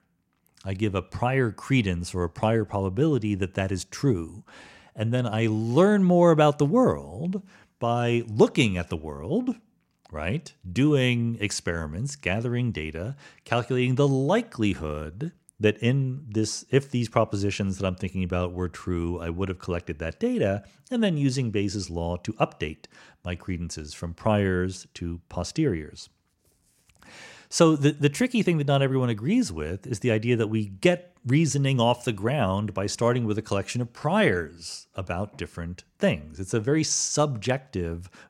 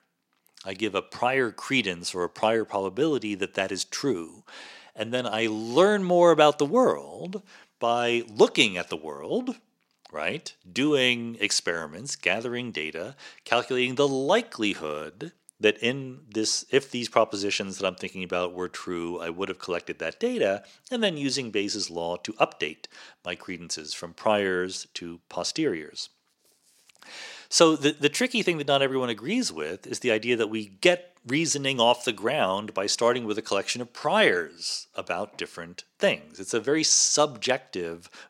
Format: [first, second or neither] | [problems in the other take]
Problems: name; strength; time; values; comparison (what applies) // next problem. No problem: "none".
first | thin; somewhat; fading below 350 Hz